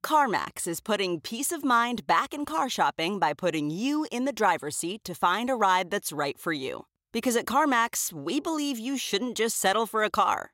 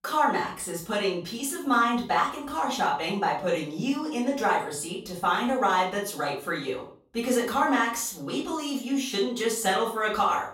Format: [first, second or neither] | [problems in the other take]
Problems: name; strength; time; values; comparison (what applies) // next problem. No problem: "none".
first | off-mic speech; far // room echo; slight; dies away in 0.4 s